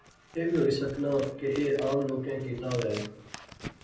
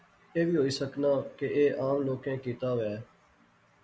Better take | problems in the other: second | background sound (Scissors); 16 dB below the speech // room echo; dies away in 0.6 s

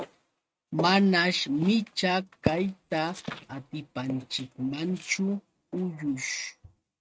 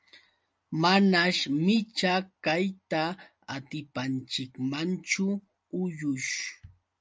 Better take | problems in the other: second | noise reduction (neural mask model RNNoise)

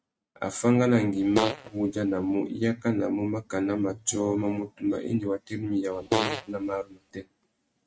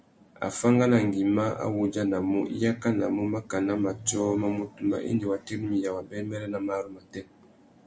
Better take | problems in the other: second | noise reduction (neural mask model RNNoise)

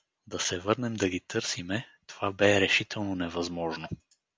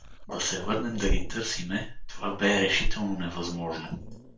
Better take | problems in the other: first | background sound (Growling); 2 dB below the speech // room echo; dies away in 0.3 s

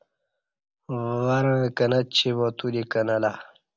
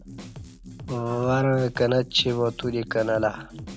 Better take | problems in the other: first | background sound (Drum kit); 15 dB below the speech

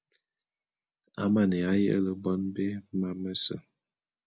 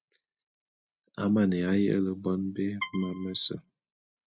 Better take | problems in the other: first | noise reduction (neural mask model RNNoise)

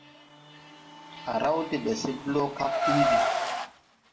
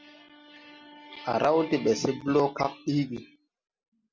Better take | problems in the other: second | background sound (Car); 1 dB above the speech // room echo; dies away in 0.3 s

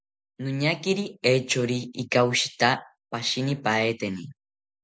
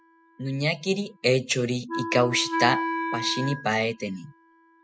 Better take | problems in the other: first | noise reduction (classical method spectral subtraction)

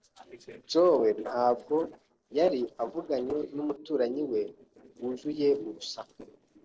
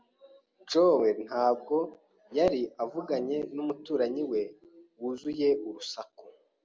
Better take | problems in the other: second | noise reduction (neural separator model SepFormer DNS4)

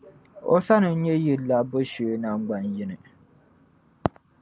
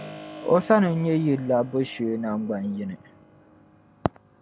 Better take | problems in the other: first | background sound (Keyboard (musical)); 20 dB below the speech

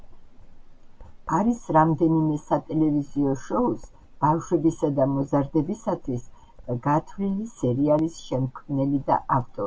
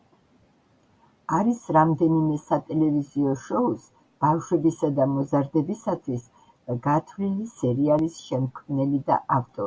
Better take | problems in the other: second | background sound (Writing); 18 dB below the speech

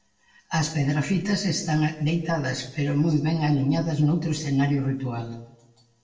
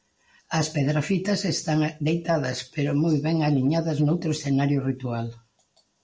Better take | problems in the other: second | room echo; dies away in 0.6 s

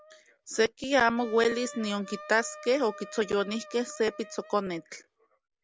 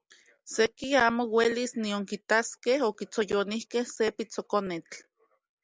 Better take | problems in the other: second | background sound (Wind instrument, woodwind instrument); 18 dB below the speech

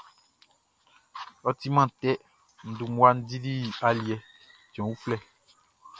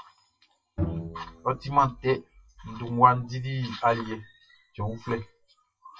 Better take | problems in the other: first | noise reduction (classical method WPE with log-MMSE)

